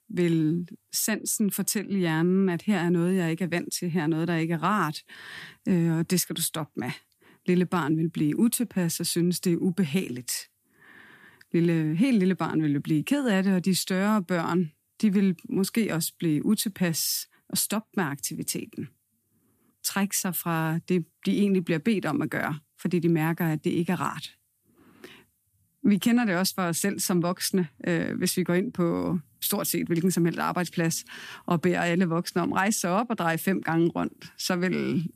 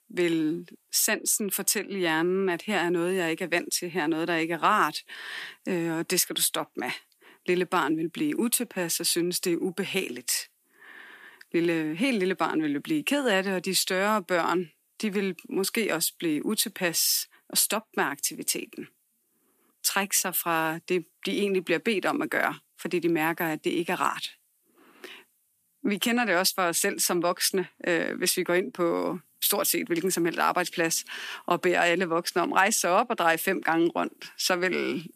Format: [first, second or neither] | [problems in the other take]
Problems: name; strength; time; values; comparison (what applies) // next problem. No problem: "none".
first | thin; somewhat; fading below 450 Hz